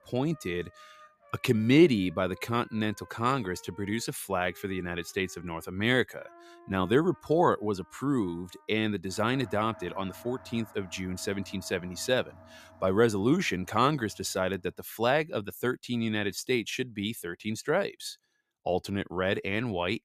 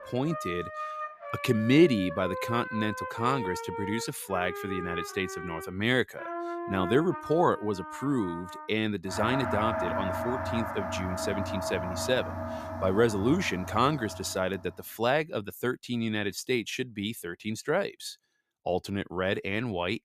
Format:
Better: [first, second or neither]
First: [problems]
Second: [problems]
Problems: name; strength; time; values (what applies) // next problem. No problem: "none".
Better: first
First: background music; faint; until 14 s; 25 dB below the speech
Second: background music; loud; until 14 s; 6 dB below the speech